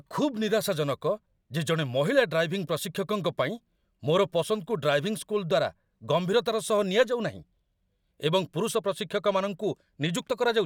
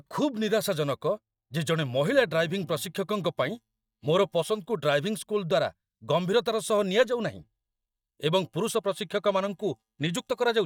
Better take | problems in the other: first | noise reduction (neural mask model DeepFilterNet 3)

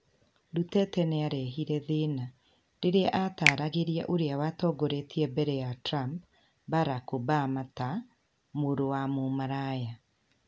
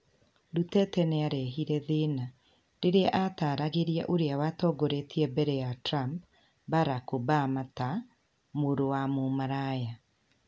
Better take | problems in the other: second | background sound (Finger snapping); 4 dB below the speech

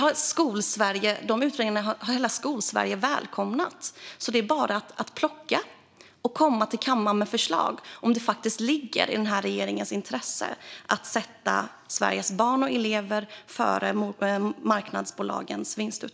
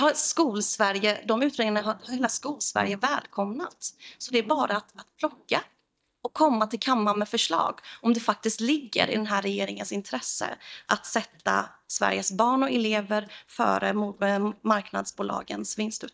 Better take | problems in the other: first | noise reduction (neural mask model DeepFilterNet 3)

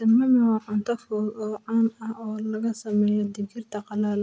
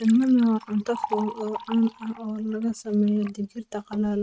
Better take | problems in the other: first | noise reduction (neural mask model RNNoise)

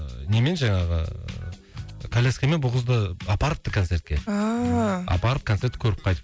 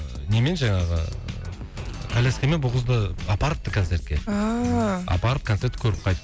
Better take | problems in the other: first | background sound (Drum kit); 11 dB below the speech

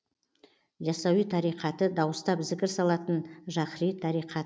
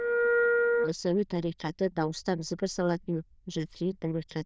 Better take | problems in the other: first | noise reduction (neural diffusion model UNIVERSE++)

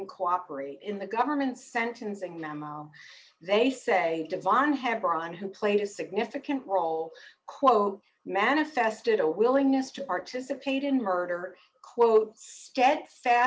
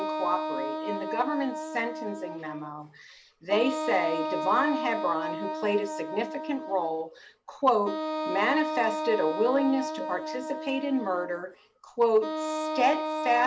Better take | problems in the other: first | background sound (Wind instrument, woodwind instrument); 4 dB below the speech

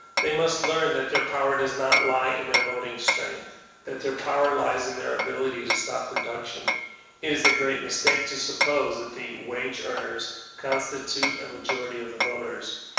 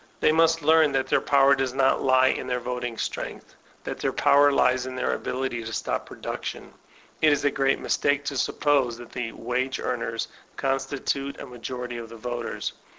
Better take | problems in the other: second | background sound (Hammer); 2 dB below the speech // room echo; dies away in 1.1 s

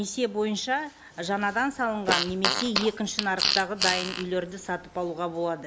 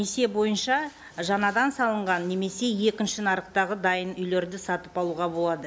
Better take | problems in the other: second | background sound (Fart); 1 dB below the speech

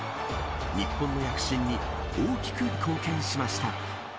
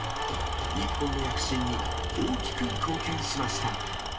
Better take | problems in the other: first | background sound (Tools); 7 dB below the speech // room echo; dies away in 0.2 s

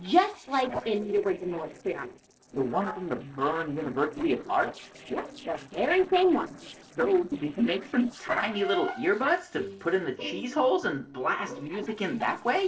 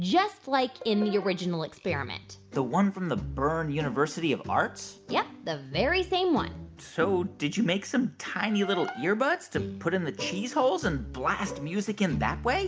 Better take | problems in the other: second | noise reduction (neural separator model SepFormer DNS4)

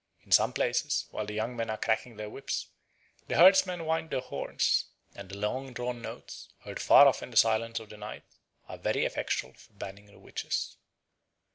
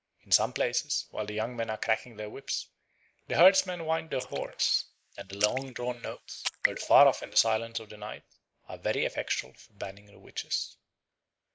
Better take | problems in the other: first | noise reduction (neural mask model Resemble Enhance denoiser)

